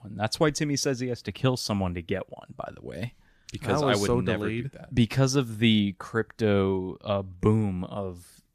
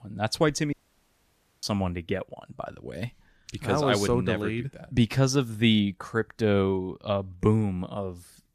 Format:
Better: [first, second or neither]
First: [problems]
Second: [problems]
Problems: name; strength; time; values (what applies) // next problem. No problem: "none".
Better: first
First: none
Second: audio cutting out; at 0.5 s for 1 s